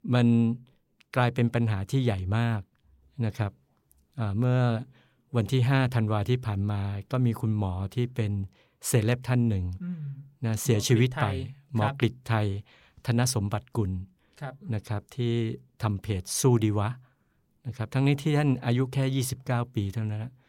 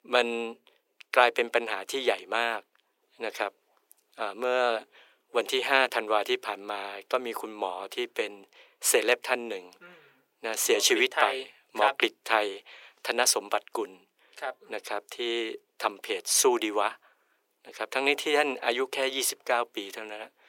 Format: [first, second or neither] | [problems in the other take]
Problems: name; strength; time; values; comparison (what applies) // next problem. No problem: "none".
first | thin; very; fading below 400 Hz